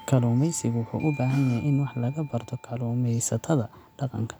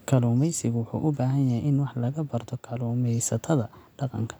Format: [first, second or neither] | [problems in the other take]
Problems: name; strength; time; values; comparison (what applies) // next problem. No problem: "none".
second | background sound (Gasp + Doorbell); 20 dB below the speech